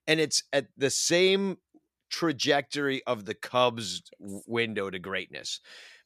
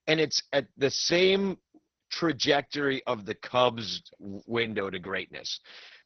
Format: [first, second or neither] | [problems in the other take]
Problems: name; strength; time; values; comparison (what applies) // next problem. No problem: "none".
first | garbled, watery; badly; nothing above 6 kHz